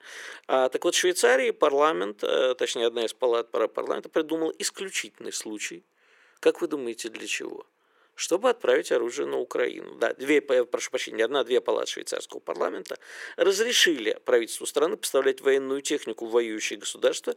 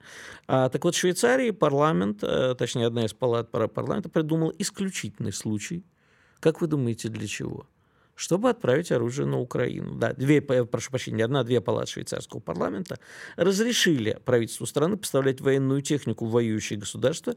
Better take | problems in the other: second | thin; somewhat; fading below 350 Hz

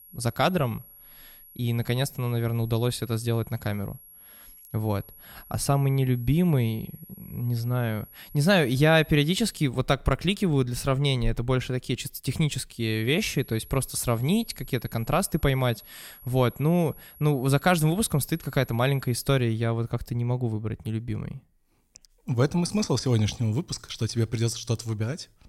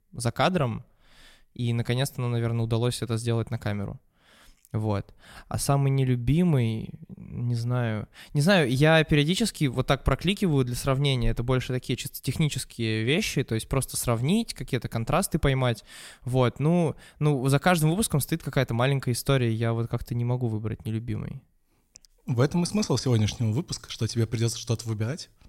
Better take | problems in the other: second | high-pitched whine; faint; until 9.5 s and from 13 to 19 s; 11.5 kHz, 20 dB below the speech

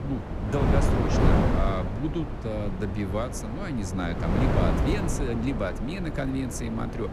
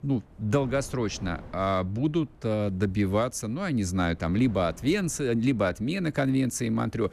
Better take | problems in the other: second | wind noise on the microphone; heavy; 1 dB above the speech; occasional gusts in the second

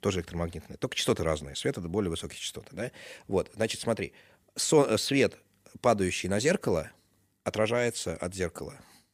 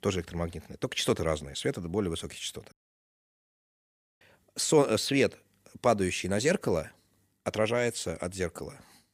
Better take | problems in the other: first | audio cutting out; at 2.5 s for 1.5 s

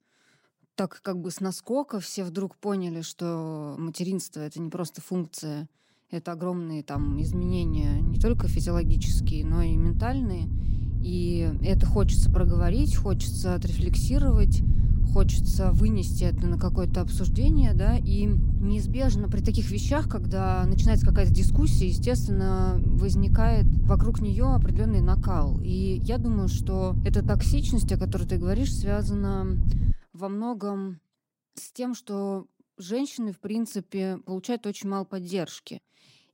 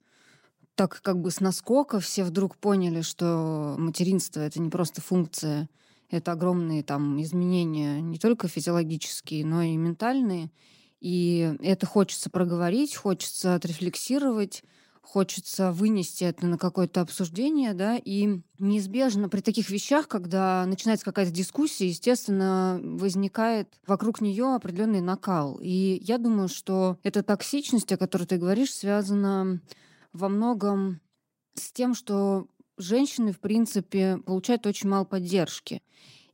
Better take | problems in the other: second | low rumble; loud; from 7 to 30 s; 6 dB below the speech

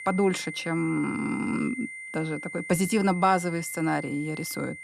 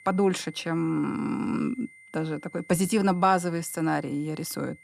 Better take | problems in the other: second | high-pitched whine; loud; throughout; 2 kHz, 9 dB below the speech; faint in the second

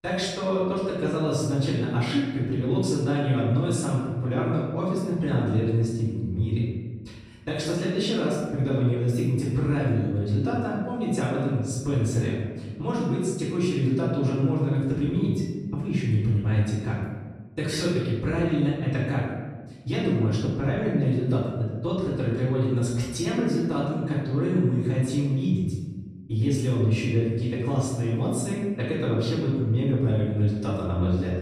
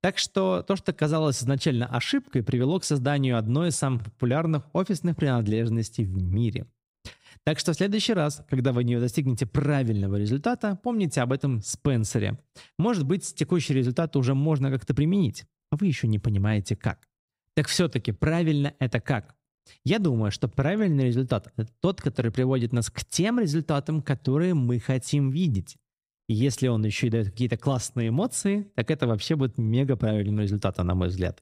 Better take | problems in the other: second | off-mic speech; far // room echo; noticeable; dies away in 1.3 s

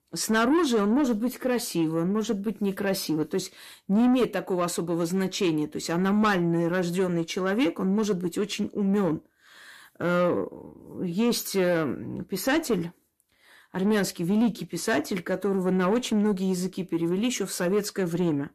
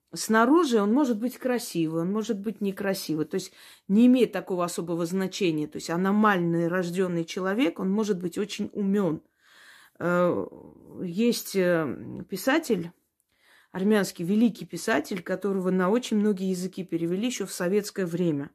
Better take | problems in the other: second | distortion; slight; 10 dB below the speech

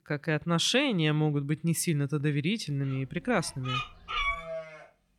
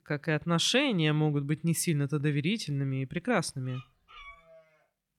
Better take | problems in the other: second | animal sounds; loud; from 3 s on; 5 dB below the speech; faint in the second

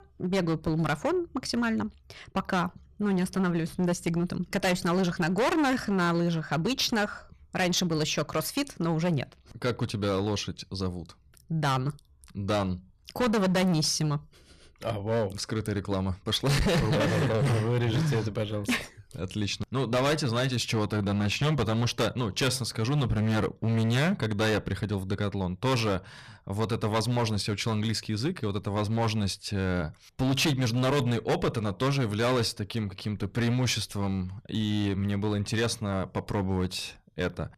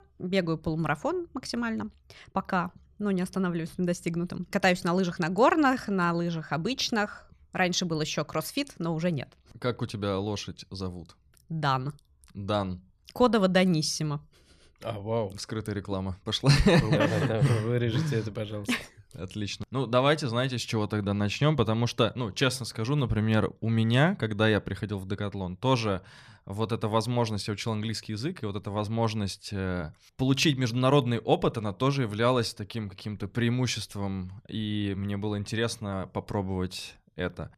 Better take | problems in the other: second | distortion; heavy; 13% of the sound clipped

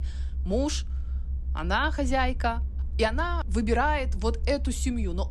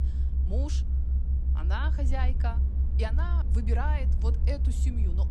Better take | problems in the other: first | low rumble; loud; throughout; 7 dB below the speech; faint in the first

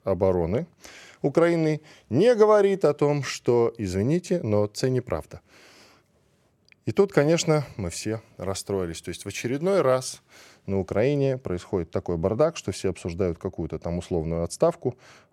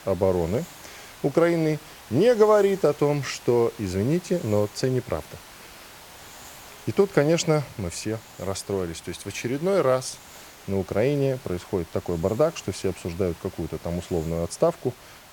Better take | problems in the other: first | hiss; noticeable; throughout; 20 dB below the speech

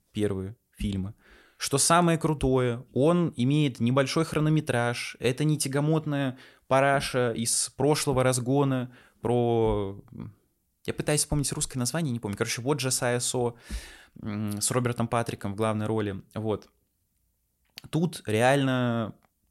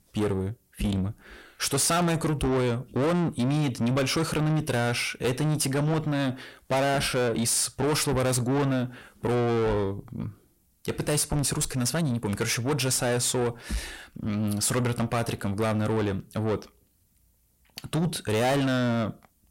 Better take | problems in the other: first | distortion; heavy; 7 dB below the speech

